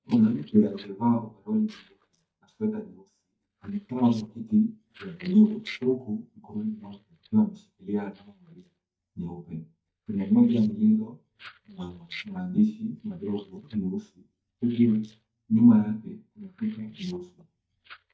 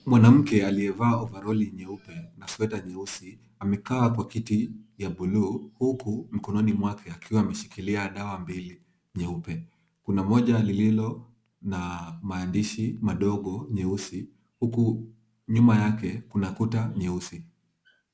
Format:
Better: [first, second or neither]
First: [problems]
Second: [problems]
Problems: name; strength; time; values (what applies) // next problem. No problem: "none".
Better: second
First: noise reduction (neural mask model DeepFilterNet 3)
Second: none